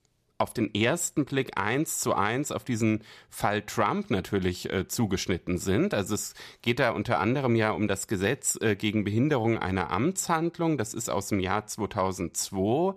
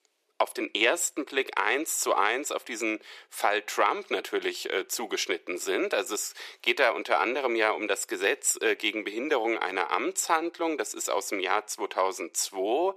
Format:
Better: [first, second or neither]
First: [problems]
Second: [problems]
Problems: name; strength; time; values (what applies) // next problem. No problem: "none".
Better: first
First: none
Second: thin; very; fading below 350 Hz